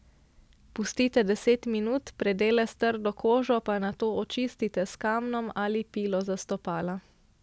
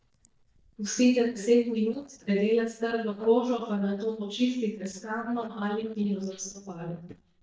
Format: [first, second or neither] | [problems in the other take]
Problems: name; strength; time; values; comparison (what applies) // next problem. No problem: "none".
first | noise reduction (neural mask model DeepFilterNet 3)